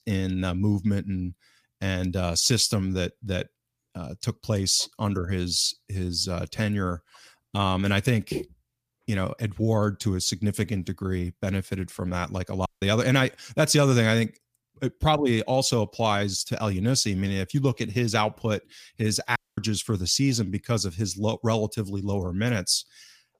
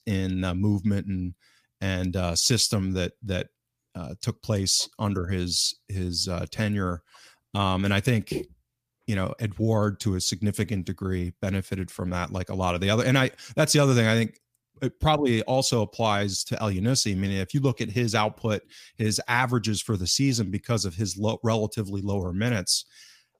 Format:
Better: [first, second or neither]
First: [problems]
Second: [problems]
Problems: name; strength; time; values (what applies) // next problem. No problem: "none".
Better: second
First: audio cutting out; at 13 s and at 19 s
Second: none